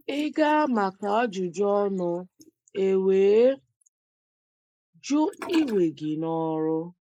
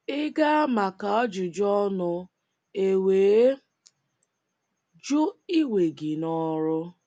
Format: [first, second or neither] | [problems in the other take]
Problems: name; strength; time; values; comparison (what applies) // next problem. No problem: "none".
second | noise reduction (neural mask model Resemble Enhance denoiser)